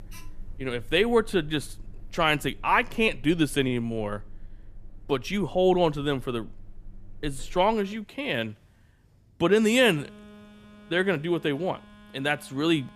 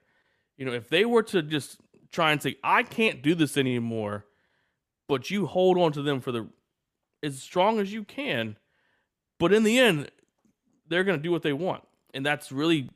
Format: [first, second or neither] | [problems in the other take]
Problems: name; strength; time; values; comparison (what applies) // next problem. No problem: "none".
second | alarms or sirens; faint; throughout; 25 dB below the speech